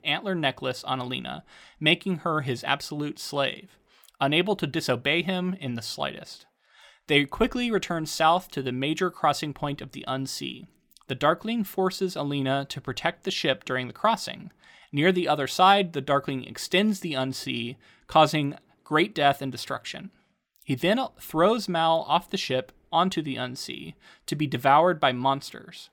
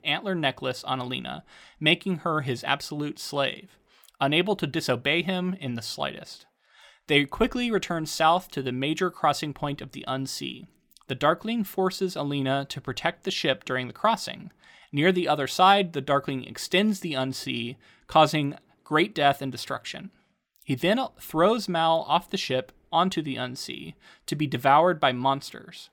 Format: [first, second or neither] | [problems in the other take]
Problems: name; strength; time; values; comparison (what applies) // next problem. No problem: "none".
neither | none